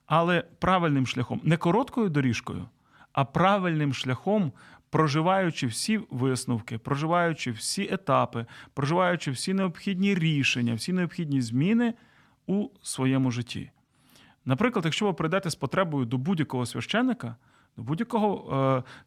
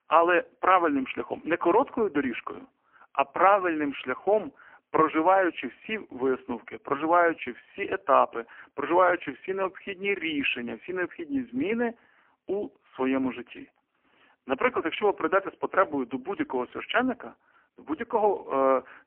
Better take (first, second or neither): first